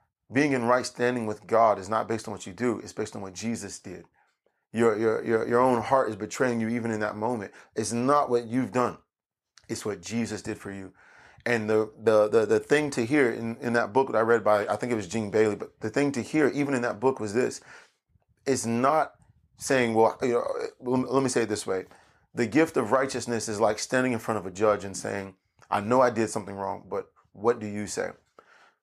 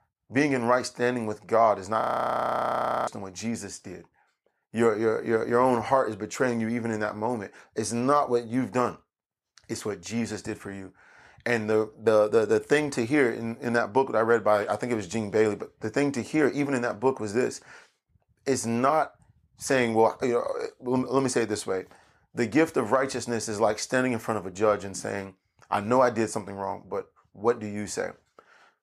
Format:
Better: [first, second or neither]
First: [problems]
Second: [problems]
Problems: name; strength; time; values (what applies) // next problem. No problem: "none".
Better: first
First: none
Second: audio freezing; at 2 s for 1 s